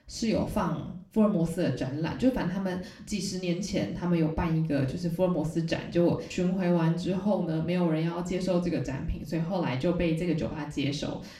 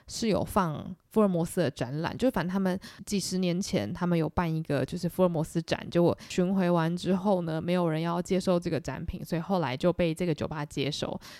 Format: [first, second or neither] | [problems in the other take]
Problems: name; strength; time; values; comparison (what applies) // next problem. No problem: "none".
second | room echo; slight; dies away in 0.5 s // off-mic speech; somewhat distant